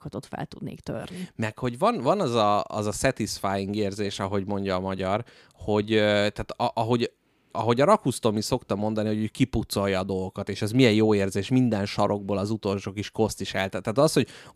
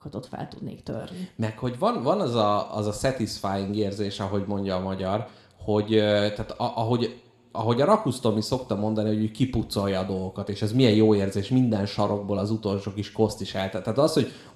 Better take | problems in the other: first | room echo; very slight; dies away in 0.7 s

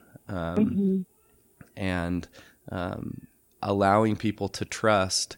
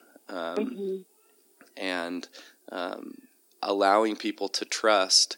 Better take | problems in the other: first | thin; somewhat; fading below 250 Hz

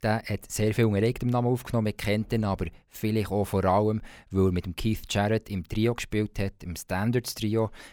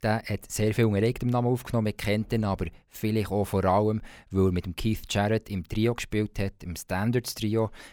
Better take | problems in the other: neither | none

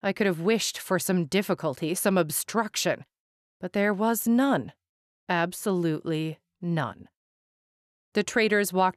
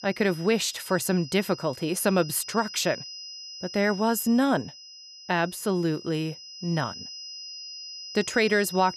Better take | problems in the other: first | high-pitched whine; noticeable; throughout; 5 kHz, 15 dB below the speech

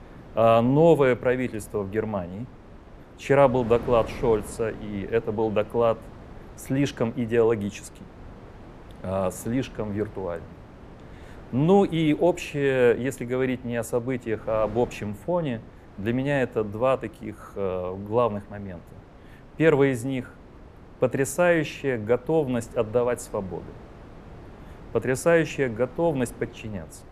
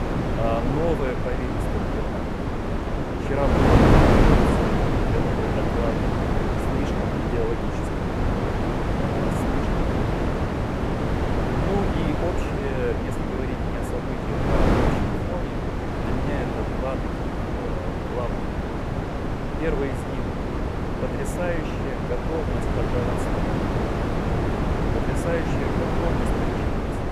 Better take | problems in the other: first | wind noise on the microphone; heavy; 5 dB above the speech; occasional gusts in the first

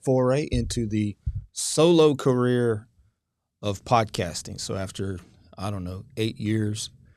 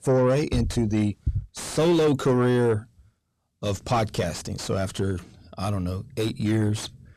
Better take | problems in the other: first | distortion; heavy; 6 dB below the speech

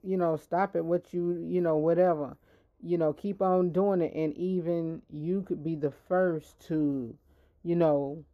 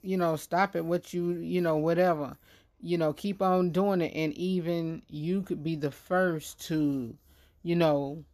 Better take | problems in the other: second | muffled; very; fading above 2 kHz

